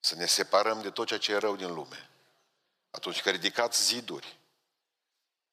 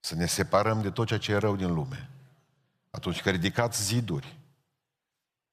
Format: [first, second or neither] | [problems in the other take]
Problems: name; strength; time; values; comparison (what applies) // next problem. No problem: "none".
second | thin; very; fading below 350 Hz